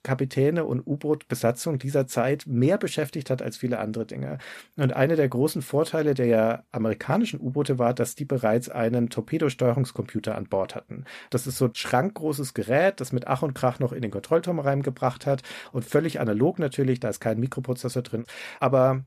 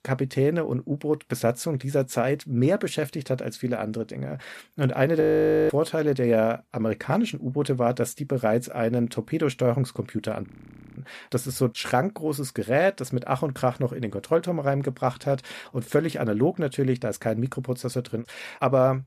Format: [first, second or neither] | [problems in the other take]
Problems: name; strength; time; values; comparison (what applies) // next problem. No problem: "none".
first | audio freezing; at 5 s and at 10 s for 0.5 s